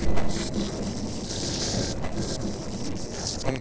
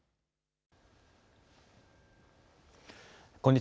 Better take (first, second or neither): second